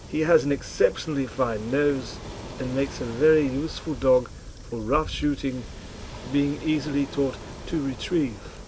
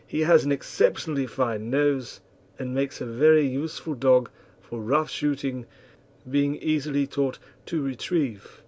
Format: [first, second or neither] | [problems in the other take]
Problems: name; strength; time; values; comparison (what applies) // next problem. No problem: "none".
second | background sound (Stream / Trickle, dribble / Traffic noise, roadway noise + Waves, surf); 13 dB below the speech